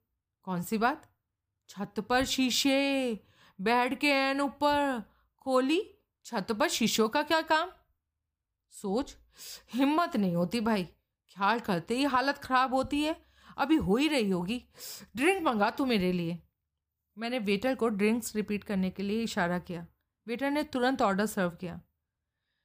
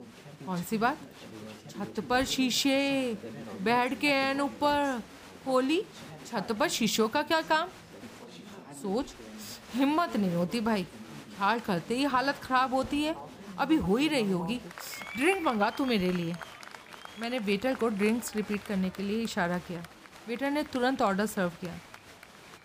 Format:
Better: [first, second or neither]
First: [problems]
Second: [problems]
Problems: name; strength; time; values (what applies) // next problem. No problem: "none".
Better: first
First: none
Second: crowd noise; noticeable; throughout; 15 dB below the speech